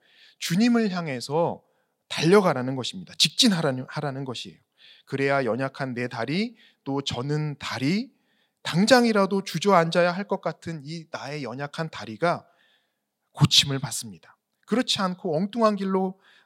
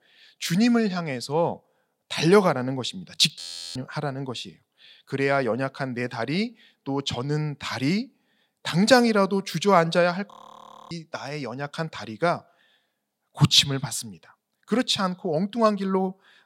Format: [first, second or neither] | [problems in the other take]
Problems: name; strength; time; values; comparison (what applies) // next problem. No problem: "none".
first | audio freezing; at 3.5 s and at 10 s for 0.5 s